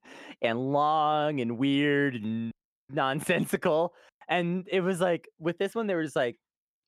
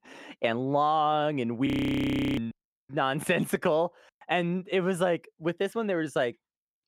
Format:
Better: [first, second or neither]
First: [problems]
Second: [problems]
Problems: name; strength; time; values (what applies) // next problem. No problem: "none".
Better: first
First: none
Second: audio freezing; at 1.5 s for 0.5 s